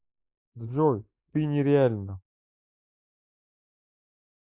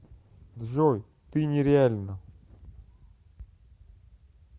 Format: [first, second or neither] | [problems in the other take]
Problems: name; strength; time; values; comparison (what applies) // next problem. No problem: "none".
second | noise reduction (neural mask model Resemble Enhance denoiser)